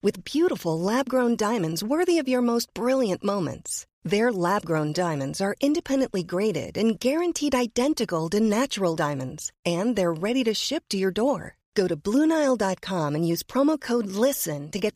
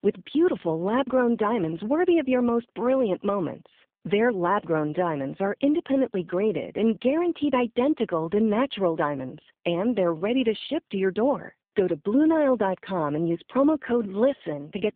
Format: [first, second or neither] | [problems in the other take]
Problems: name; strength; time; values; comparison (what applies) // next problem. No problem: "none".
first | phone-call audio; poor line